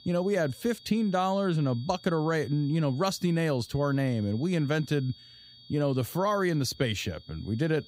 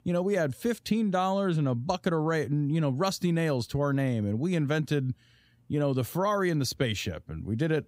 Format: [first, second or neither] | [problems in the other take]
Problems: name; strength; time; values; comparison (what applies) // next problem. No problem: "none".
second | high-pitched whine; faint; throughout; 4.5 kHz, 20 dB below the speech